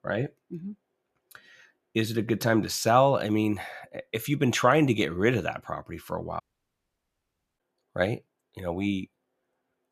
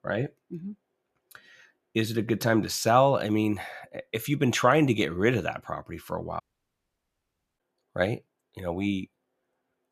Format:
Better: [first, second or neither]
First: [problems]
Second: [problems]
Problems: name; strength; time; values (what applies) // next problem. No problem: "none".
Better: neither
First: audio cutting out; at 6.5 s for 1 s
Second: audio cutting out; at 6.5 s for 1 s